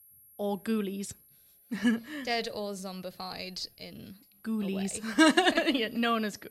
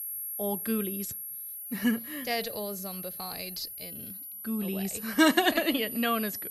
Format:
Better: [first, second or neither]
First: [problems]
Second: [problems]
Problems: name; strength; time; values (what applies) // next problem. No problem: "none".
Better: first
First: high-pitched whine; faint; throughout; 11.5 kHz, 30 dB below the speech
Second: high-pitched whine; loud; throughout; 11.5 kHz, 7 dB below the speech